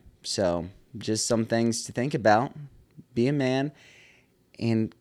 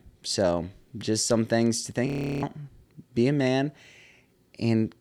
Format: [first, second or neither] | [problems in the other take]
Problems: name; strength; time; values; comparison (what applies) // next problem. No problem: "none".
first | audio freezing; at 2 s